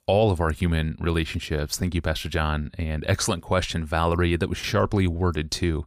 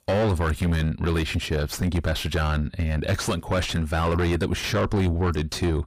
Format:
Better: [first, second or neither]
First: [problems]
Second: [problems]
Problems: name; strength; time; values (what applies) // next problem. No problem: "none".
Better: first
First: none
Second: distortion; heavy; 6 dB below the speech